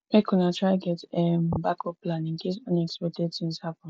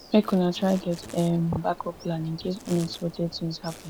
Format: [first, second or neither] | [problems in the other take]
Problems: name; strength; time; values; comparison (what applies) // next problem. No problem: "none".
first | background sound (Insect); 18 dB below the speech